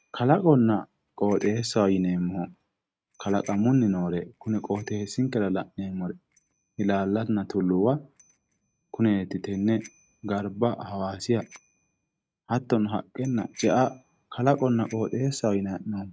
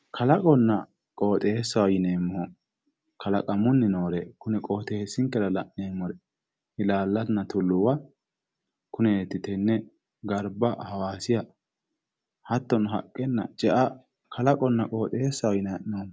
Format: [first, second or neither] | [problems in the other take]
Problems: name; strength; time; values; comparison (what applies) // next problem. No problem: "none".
second | noise reduction (neural mask model RNNoise)